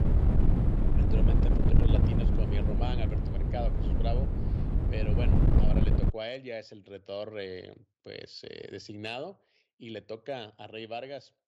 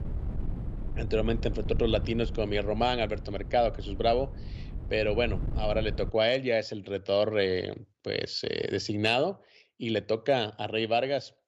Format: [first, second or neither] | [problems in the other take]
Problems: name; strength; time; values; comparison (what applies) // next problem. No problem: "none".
second | wind noise on the microphone; heavy; until 6 s; 1 dB above the speech; occasional gusts in the second